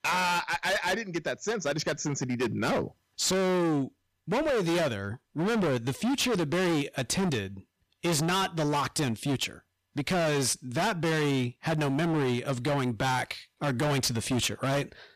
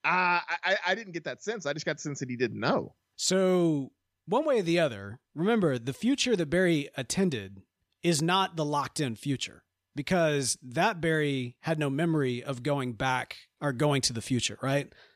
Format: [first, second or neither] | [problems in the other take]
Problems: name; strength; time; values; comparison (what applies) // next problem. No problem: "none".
second | distortion; heavy; 26% of the sound clipped